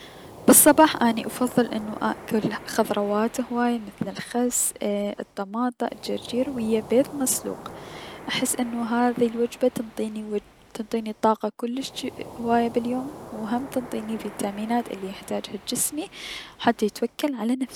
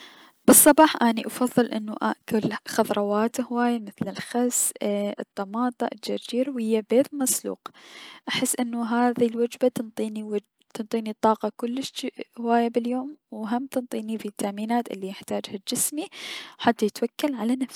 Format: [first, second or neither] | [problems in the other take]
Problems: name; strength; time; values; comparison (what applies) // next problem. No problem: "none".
second | background sound (Waves, surf); 18 dB below the speech